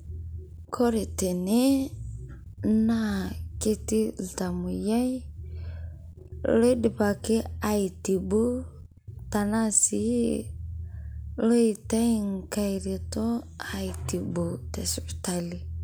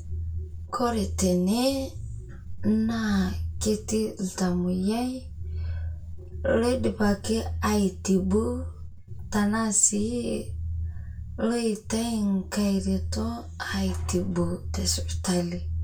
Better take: first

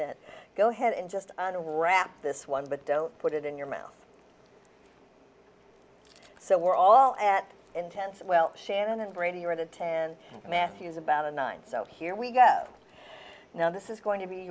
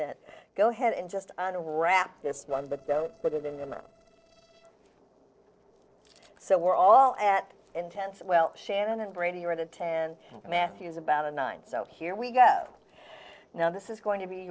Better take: first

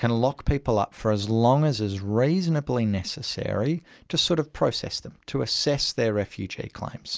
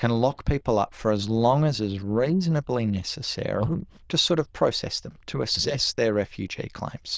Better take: first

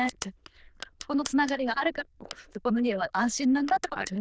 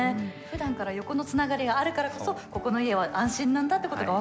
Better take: second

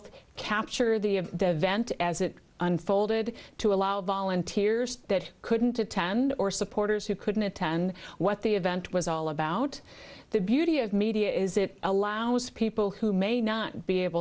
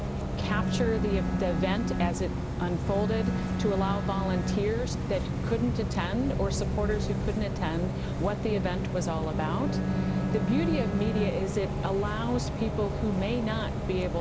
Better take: first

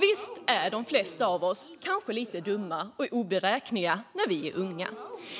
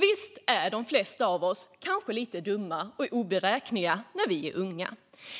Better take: second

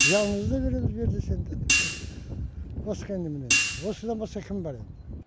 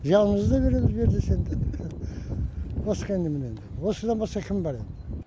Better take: second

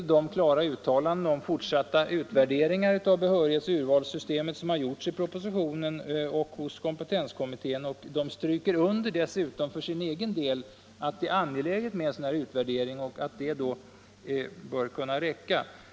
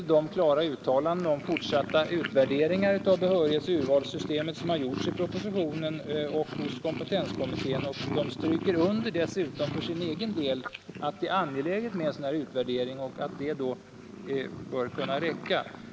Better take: first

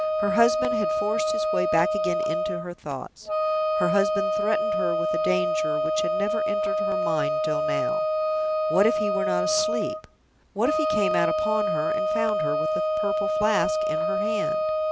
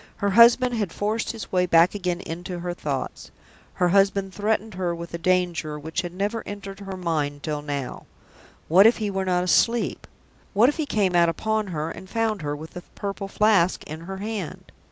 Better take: second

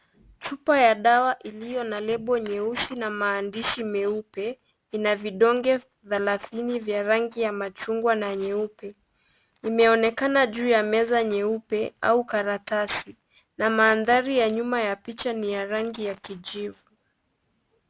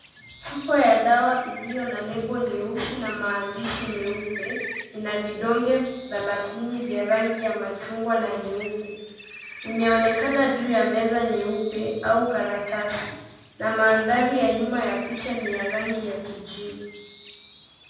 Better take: first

